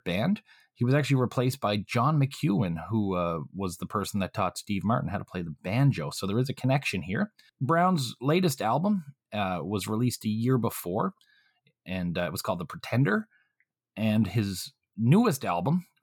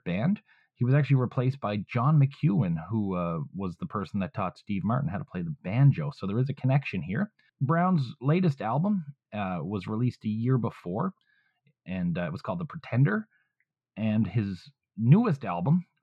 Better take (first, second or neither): first